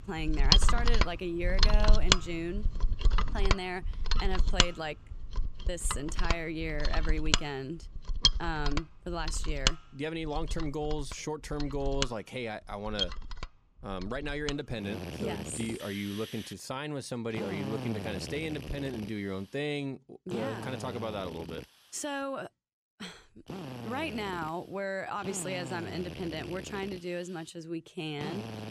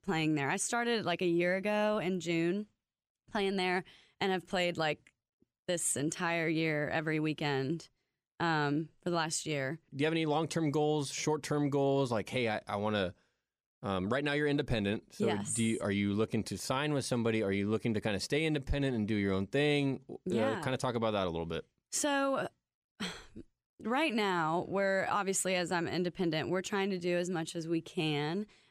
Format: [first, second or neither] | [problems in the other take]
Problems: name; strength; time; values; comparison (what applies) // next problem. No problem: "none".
second | machinery noise; very loud; throughout; 3 dB above the speech